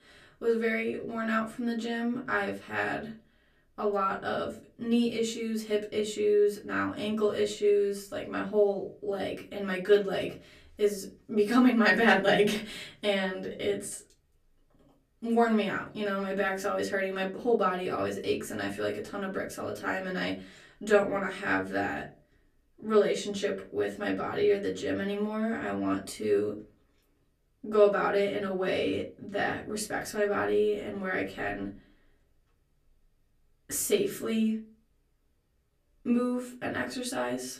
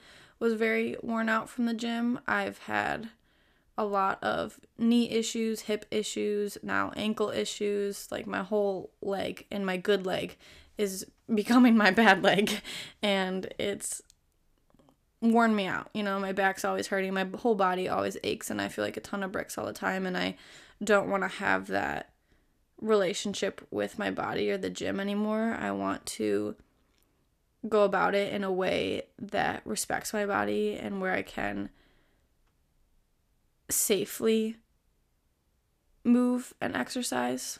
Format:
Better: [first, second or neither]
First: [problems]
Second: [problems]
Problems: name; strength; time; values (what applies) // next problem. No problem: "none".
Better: second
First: off-mic speech; far // room echo; very slight; dies away in 0.3 s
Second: none